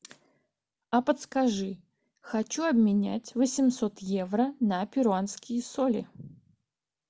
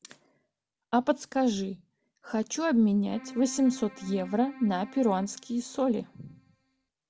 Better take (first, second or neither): first